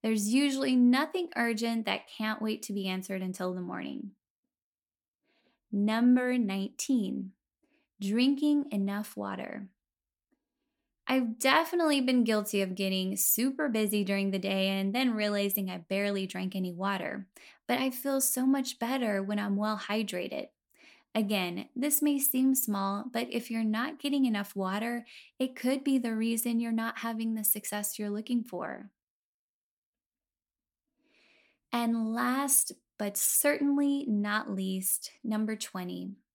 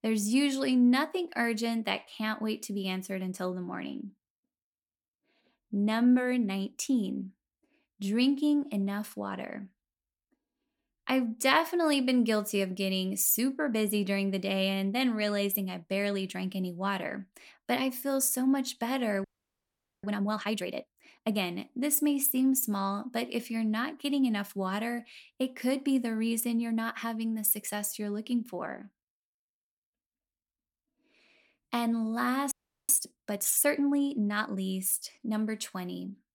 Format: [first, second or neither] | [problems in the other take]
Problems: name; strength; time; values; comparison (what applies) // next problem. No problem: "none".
first | audio freezing; at 19 s for 1 s and at 33 s